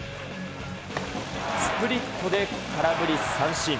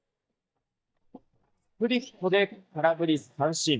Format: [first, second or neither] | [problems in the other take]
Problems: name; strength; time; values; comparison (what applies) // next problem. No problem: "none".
first | noise reduction (neural mask model DeepFilterNet 3)